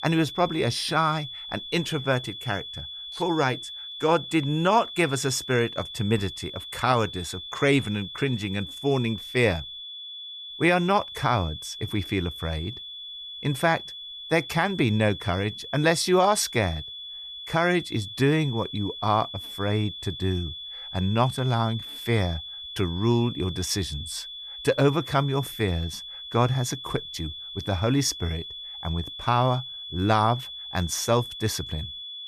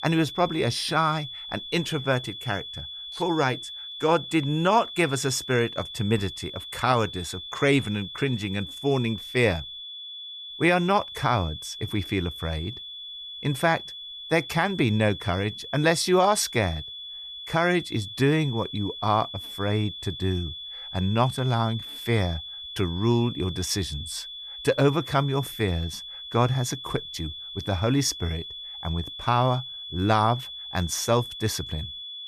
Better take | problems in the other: neither | high-pitched whine; loud; throughout; 3.5 kHz, 10 dB below the speech; the same in both

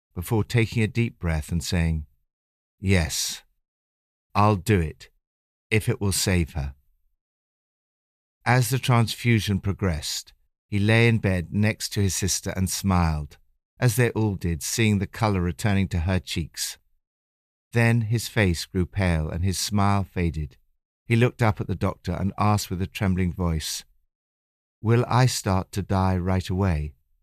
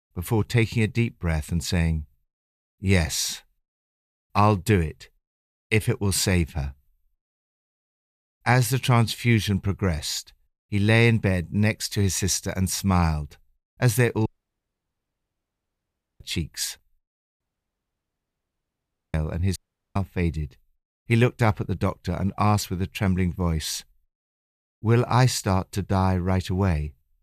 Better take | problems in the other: first | audio cutting out; at 14 s for 2 s, at 17 s for 1.5 s and at 20 s

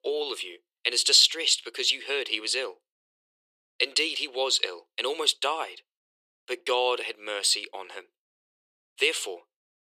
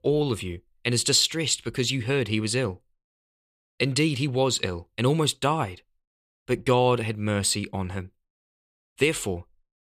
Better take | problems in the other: second | thin; very; fading below 400 Hz

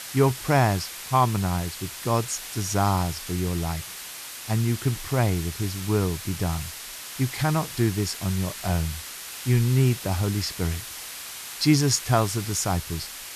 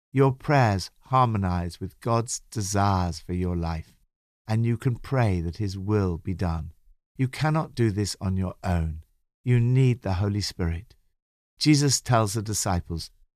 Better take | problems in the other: second | hiss; loud; throughout; 9 dB below the speech

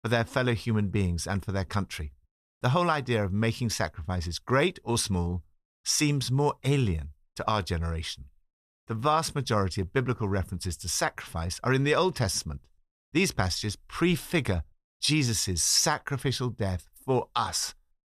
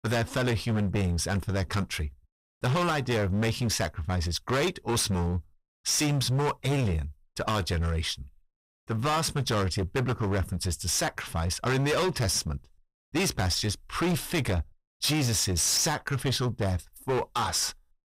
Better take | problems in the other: first | distortion; heavy; 19% of the sound clipped

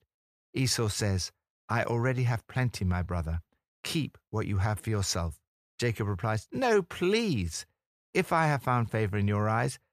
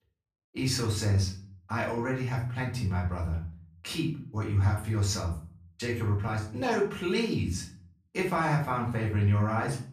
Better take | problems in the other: first | room echo; slight; dies away in 0.4 s // off-mic speech; far

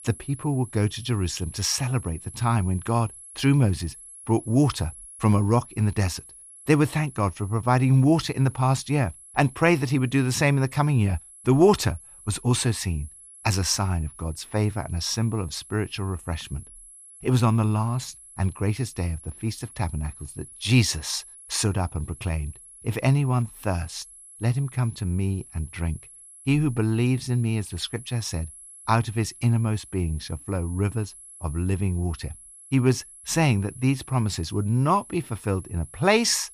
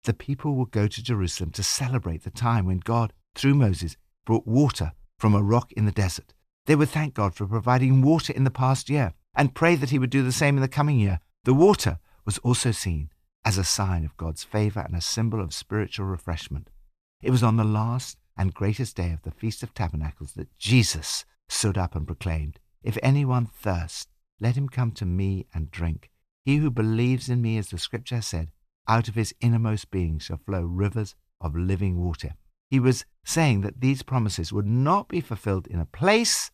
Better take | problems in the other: second | high-pitched whine; noticeable; throughout; 11 kHz, 20 dB below the speech

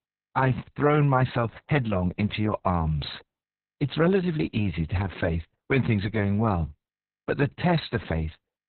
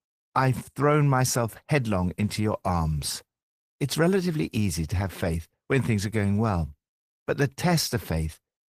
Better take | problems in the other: second | garbled, watery; badly; nothing above 4 kHz; slightly in the second

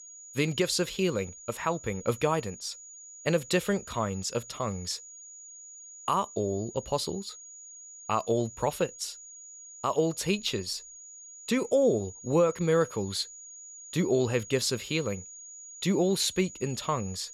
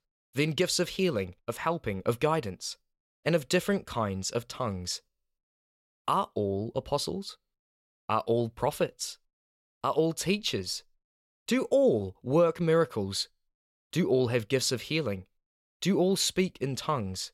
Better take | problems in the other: second | high-pitched whine; noticeable; throughout; 6.5 kHz, 15 dB below the speech

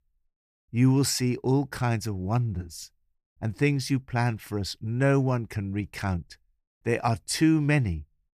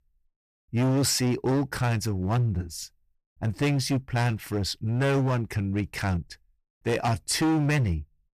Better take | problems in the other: first | distortion; heavy; 13% of the sound clipped

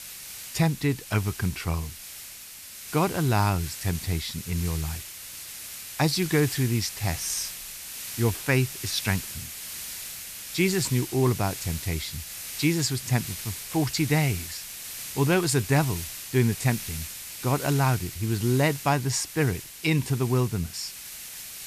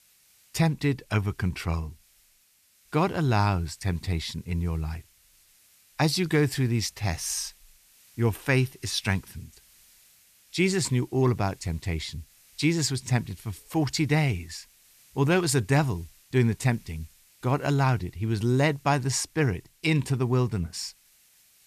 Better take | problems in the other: second | hiss; loud; throughout; 9 dB below the speech; faint in the second

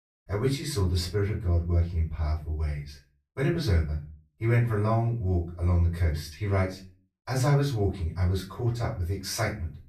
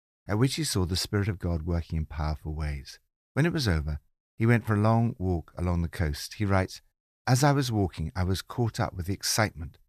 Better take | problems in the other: second | off-mic speech; far // room echo; slight; dies away in 0.3 s

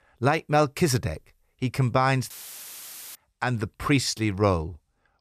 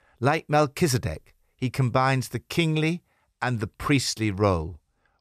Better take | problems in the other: second | audio cutting out; filled with static; at 2.5 s for 1 s

